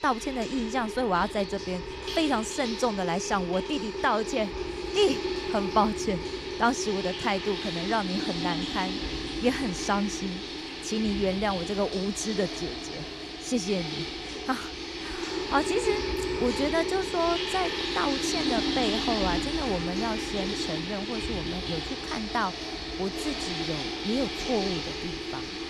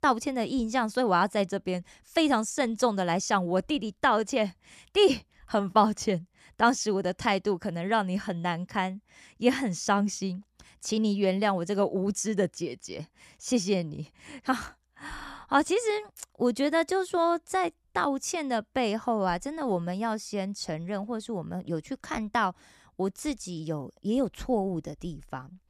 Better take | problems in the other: second | household noises; loud; throughout; 2 dB below the speech

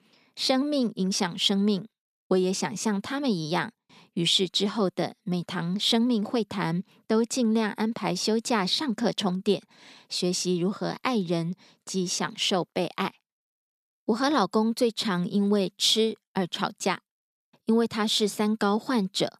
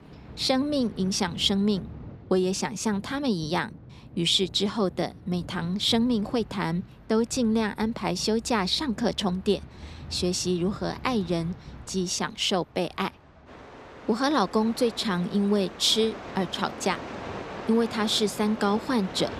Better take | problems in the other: first | rain or running water; noticeable; throughout; 15 dB below the speech

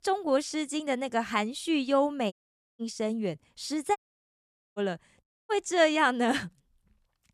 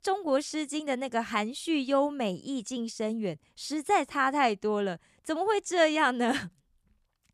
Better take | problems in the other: second | audio cutting out; at 2.5 s, at 4 s for 1 s and at 5 s

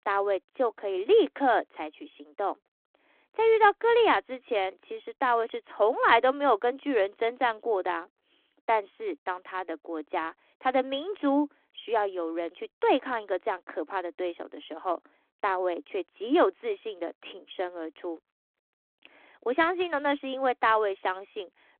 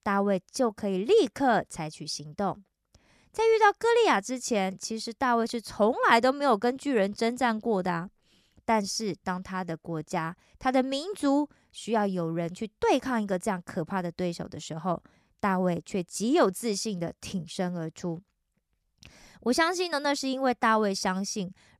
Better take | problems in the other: second | phone-call audio

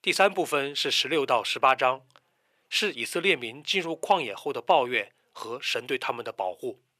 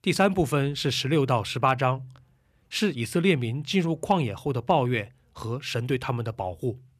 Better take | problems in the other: second | thin; very; fading below 500 Hz

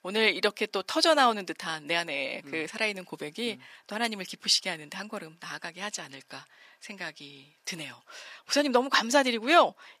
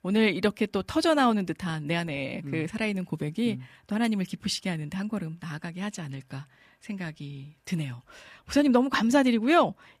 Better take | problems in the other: second | thin; somewhat; fading below 500 Hz

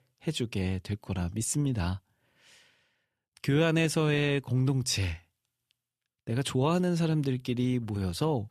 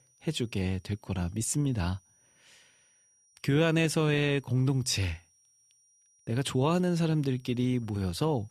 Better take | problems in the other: first | high-pitched whine; faint; throughout; 5.5 kHz, 35 dB below the speech

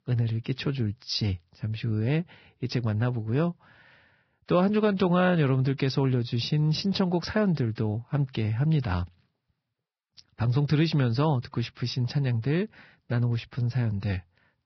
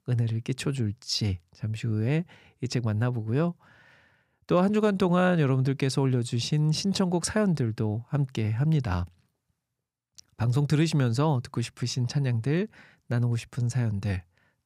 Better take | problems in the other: second | garbled, watery; badly; nothing above 5.5 kHz

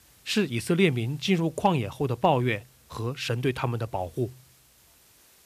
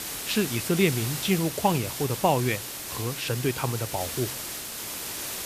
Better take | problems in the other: first | hiss; loud; throughout; 5 dB below the speech; faint in the first

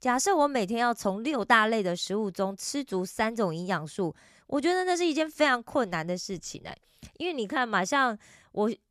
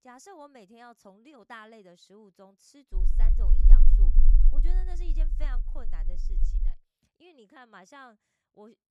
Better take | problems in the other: first | low rumble; loud; from 3 to 6.5 s; 4 dB below the speech

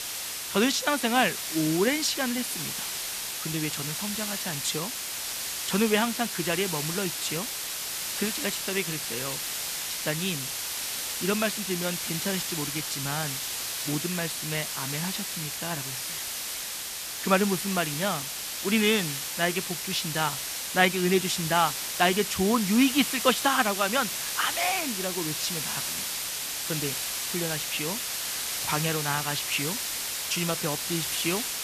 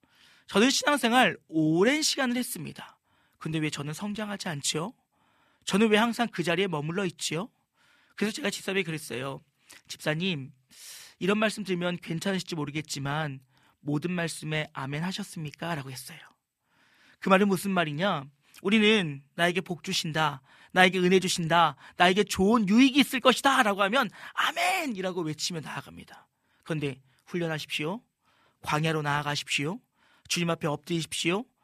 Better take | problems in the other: second | hiss; loud; throughout; 2 dB below the speech

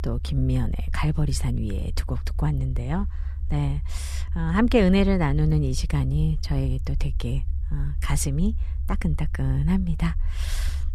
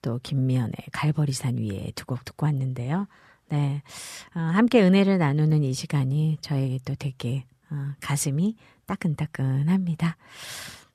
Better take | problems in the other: second | low rumble; noticeable; throughout; 20 dB below the speech

